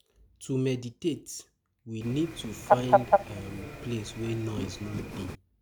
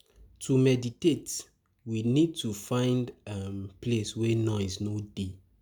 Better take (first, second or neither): second